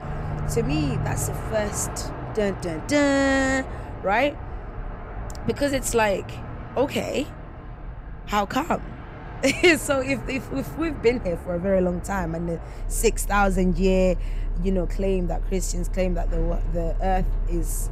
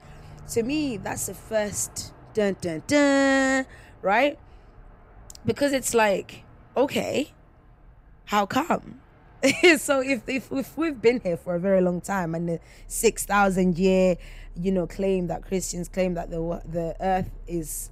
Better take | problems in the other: second | traffic noise; loud; throughout; 8 dB below the speech; faint in the second

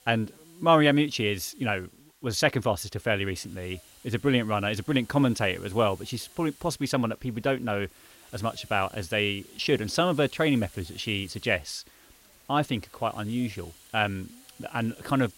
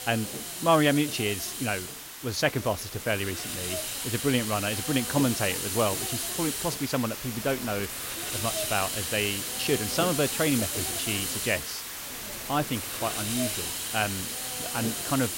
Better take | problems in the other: first | hiss; loud; throughout; 2 dB below the speech; faint in the first

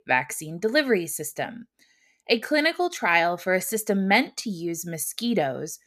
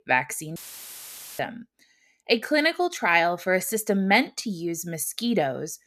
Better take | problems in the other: first | audio cutting out; filled with static; at 0.5 s for 1 s

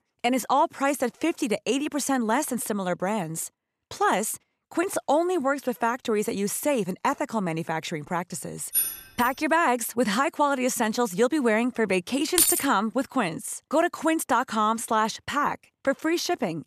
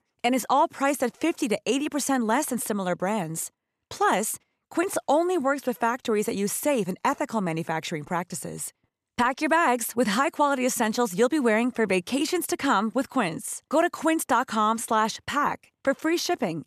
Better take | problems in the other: second | jangling keys; loud; at 8.5 s and at 12 s; peak 6 dB above the speech

